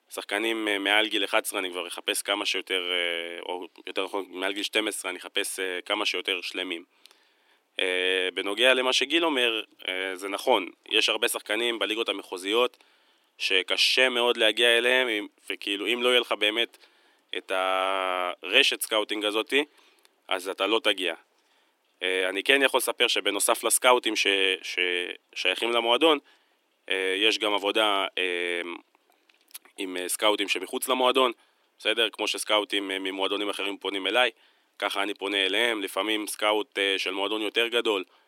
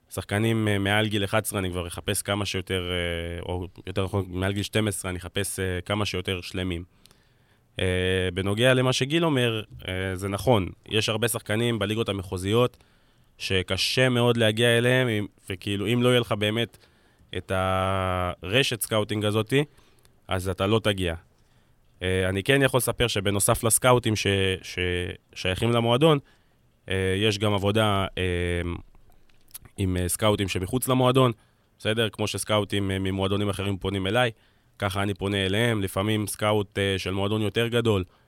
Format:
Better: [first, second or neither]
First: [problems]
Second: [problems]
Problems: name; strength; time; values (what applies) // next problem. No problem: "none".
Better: second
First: thin; somewhat; fading below 300 Hz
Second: none